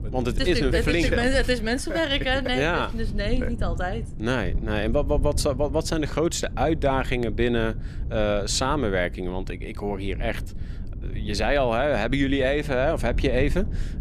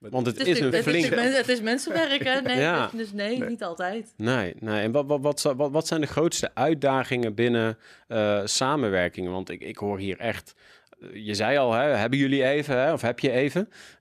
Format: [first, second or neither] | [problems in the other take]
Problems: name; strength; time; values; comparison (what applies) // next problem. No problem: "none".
second | low rumble; faint; throughout; 20 dB below the speech